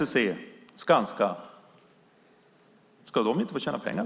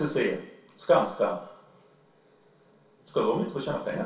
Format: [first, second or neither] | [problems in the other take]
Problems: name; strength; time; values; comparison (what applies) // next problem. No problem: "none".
first | room echo; dies away in 0.2 s